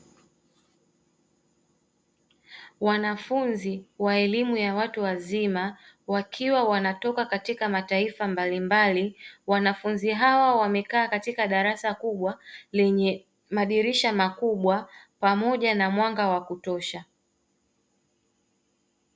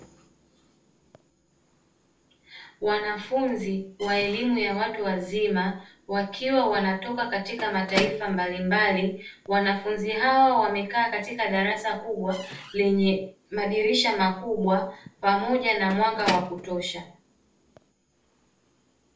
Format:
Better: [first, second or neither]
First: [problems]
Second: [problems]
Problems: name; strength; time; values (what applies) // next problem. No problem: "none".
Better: first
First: none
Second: background sound (Squeak / Slam / Wood); 16 dB below the speech // room echo; dies away in 0.3 s